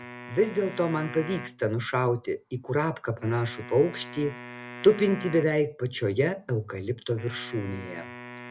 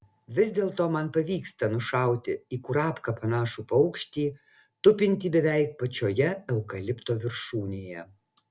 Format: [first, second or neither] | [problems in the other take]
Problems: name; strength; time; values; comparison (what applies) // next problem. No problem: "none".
second | background sound (Wind instrument, woodwind instrument); 15 dB below the speech